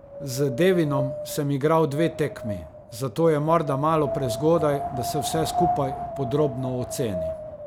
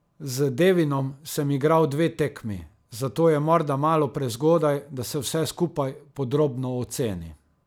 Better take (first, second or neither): second